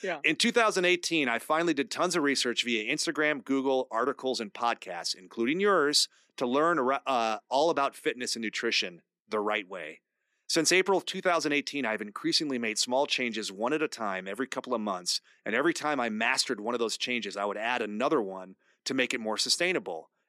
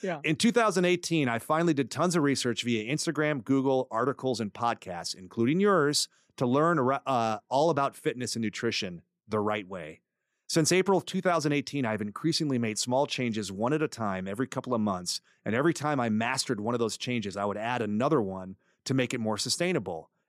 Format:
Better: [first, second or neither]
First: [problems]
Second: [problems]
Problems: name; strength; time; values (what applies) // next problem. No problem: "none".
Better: second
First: thin; very slightly; fading below 250 Hz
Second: none